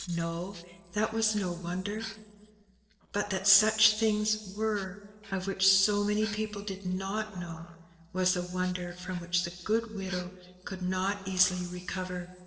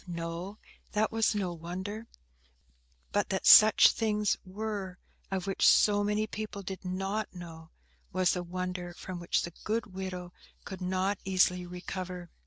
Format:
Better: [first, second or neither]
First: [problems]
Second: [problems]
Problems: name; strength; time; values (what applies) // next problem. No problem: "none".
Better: second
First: noise reduction (neural separator model SepFormer DNS4)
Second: none